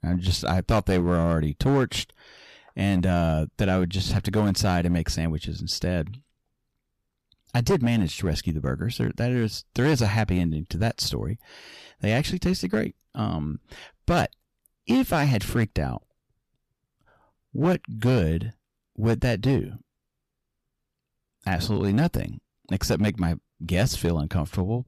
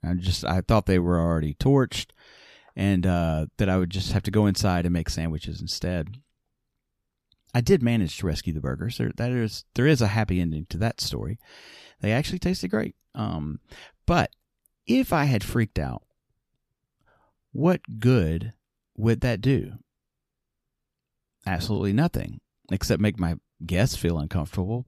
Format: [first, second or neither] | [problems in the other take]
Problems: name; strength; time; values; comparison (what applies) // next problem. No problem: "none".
second | distortion; slight; 5% of the sound clipped